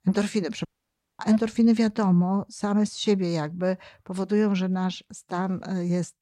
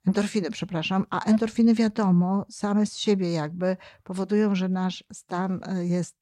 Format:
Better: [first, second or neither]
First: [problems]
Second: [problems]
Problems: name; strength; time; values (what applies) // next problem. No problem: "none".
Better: second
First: audio cutting out; at 0.5 s for 0.5 s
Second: none